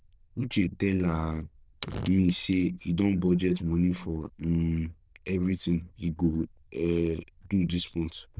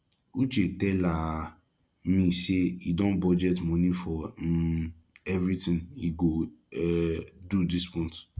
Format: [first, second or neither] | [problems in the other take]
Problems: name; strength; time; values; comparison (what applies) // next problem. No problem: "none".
second | noise reduction (neural diffusion model UNIVERSE++)